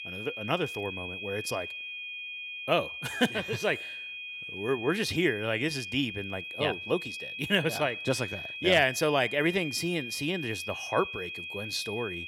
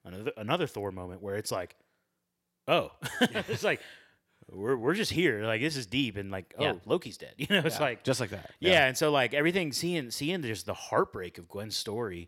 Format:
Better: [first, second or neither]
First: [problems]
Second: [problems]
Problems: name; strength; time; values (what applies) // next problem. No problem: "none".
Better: second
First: high-pitched whine; loud; throughout; 2.5 kHz, 7 dB below the speech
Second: none